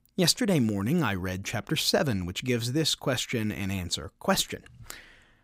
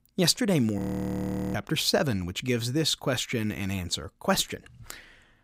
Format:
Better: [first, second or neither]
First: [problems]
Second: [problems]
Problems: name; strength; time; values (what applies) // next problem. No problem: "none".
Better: first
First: none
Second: audio freezing; at 1 s for 1 s